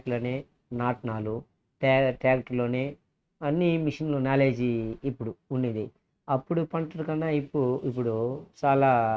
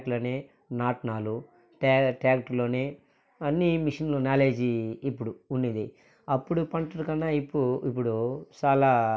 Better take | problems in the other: second | noise reduction (neural mask model RNNoise)

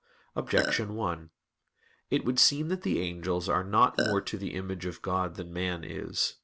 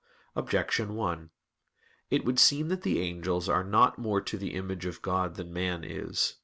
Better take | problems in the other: second | background sound (Burping, eructation); 1 dB below the speech

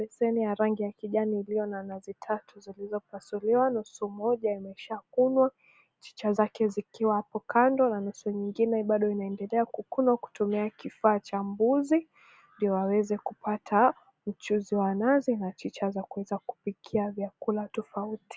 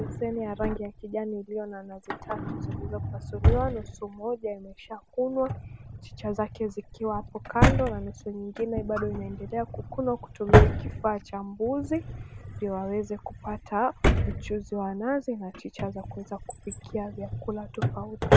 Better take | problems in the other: first | background sound (Drawer open or close); 4 dB above the speech

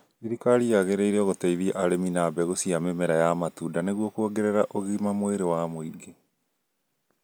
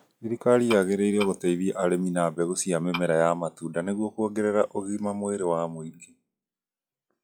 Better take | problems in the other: first | noise reduction (classical method log-MMSE)

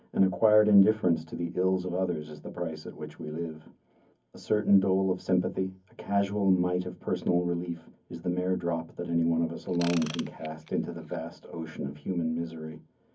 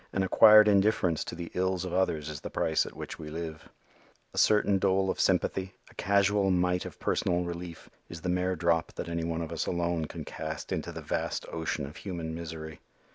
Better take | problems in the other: second | background sound (Ratchet, pawl / Tools); 16 dB below the speech // room echo; dies away in 0.3 s

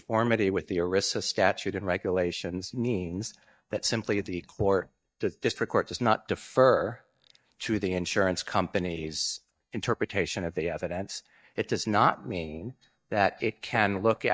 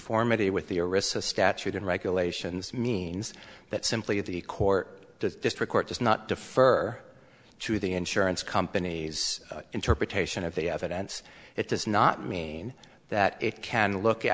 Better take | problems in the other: second | noise reduction (neural mask model DeepFilterNet 3)

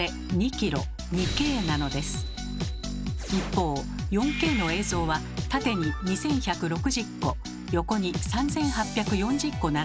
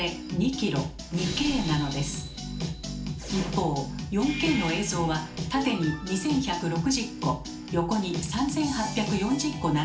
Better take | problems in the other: first | room echo; dies away in 0.4 s

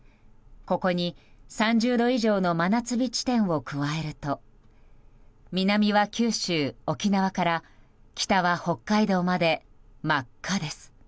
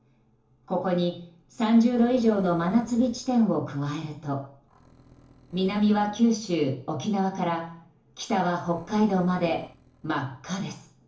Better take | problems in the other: first | noise reduction (neural separator model SepFormer DNS4)

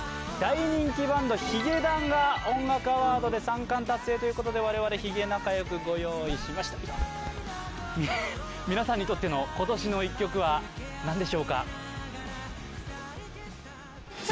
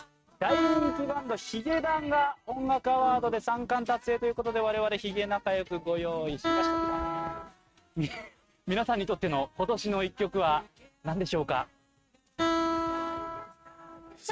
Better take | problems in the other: first | noise reduction (neural mask model RNNoise)

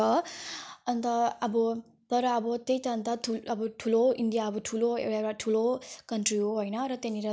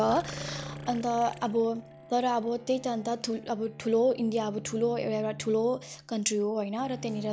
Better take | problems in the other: first | background sound (Bowed string instrument + Burping, eructation); 15 dB below the speech

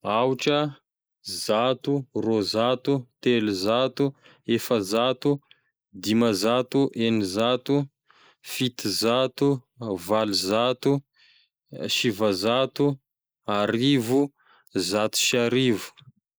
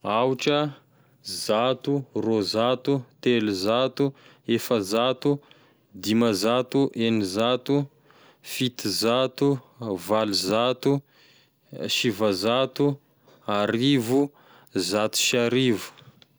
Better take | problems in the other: second | noise reduction (neural mask model Resemble Enhance denoiser)

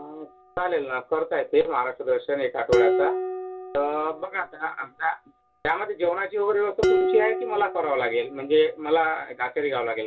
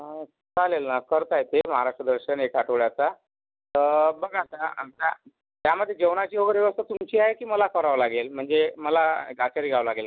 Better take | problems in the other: second | background sound (Dishes, pots, and pans); 5 dB below the speech // room echo; dies away in 0.1 s

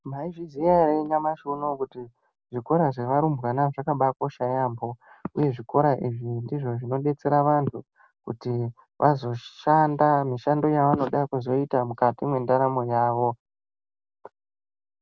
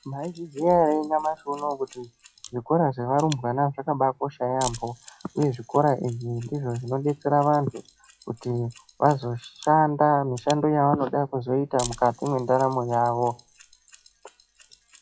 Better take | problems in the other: first | noise reduction (classical method log-MMSE)

